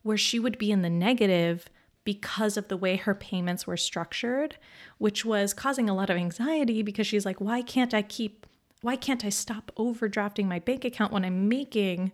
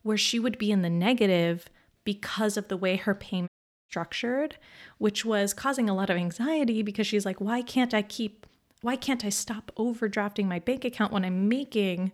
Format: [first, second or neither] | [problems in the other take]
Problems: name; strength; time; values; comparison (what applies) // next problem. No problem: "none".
first | audio cutting out; at 3.5 s